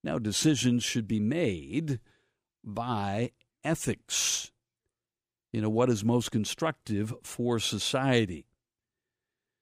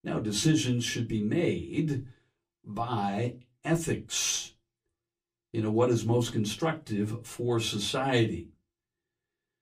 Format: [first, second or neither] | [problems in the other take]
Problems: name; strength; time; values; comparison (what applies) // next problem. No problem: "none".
first | off-mic speech; somewhat distant // room echo; very slight; dies away in 0.2 s